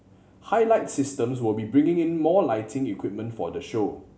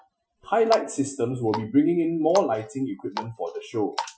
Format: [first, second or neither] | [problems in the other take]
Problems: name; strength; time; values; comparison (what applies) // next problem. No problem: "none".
first | noise reduction (classical method Wiener filter)